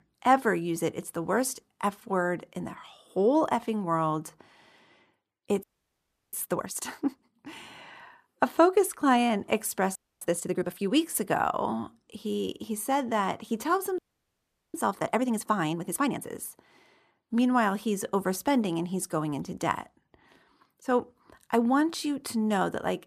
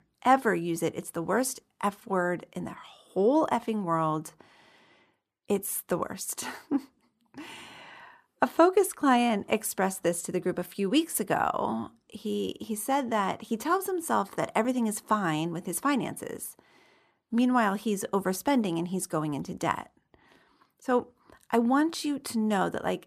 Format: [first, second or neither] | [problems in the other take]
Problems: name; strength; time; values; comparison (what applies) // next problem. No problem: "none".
second | audio freezing; at 5.5 s for 0.5 s, at 10 s and at 14 s for 1 s